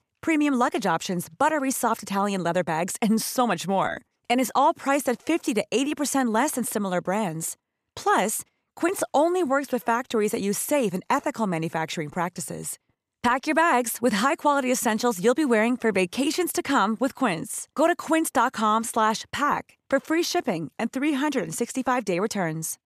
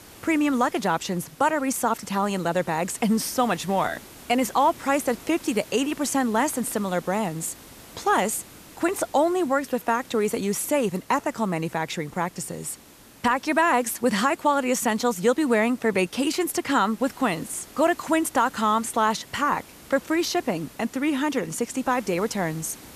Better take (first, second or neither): first